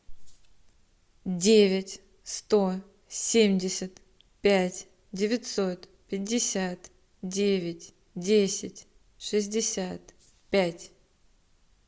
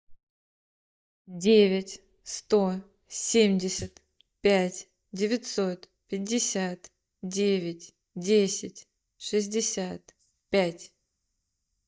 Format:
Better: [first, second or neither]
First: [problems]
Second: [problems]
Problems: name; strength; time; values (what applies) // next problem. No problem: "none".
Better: first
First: none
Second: noise reduction (neural mask model DeepFilterNet 3)